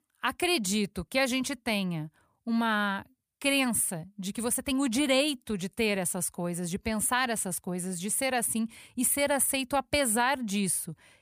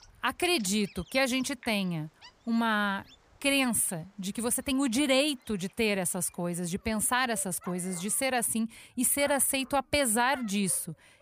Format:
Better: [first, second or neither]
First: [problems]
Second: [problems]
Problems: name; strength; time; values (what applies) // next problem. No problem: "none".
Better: first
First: none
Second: animal sounds; faint; throughout; 25 dB below the speech